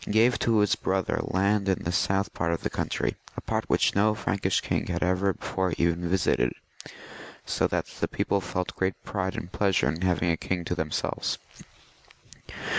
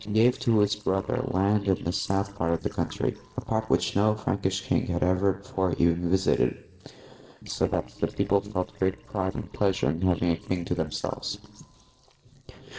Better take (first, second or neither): first